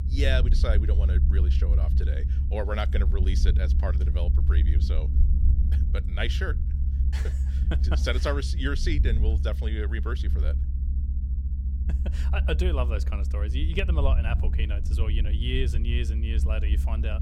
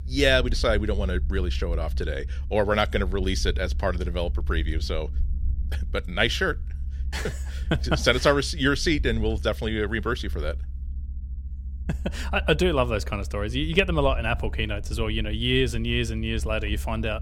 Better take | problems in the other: second | low rumble; loud; throughout; 9 dB below the speech; faint in the second

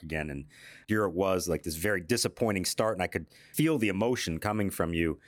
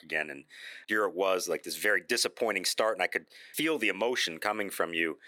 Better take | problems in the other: first | thin; somewhat; fading below 450 Hz

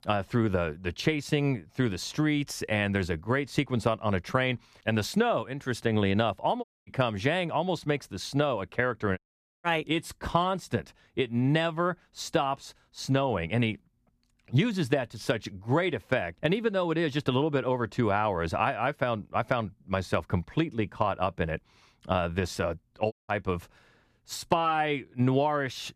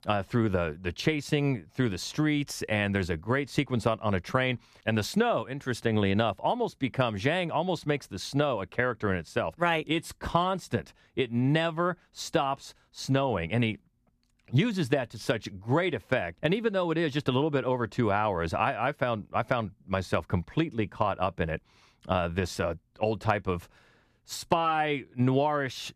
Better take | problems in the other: second | audio cutting out; at 6.5 s, at 9 s and at 23 s

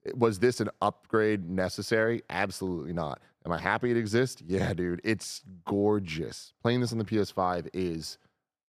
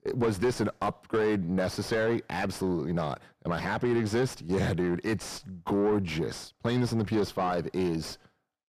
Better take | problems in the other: first | distortion; heavy; 7 dB below the speech

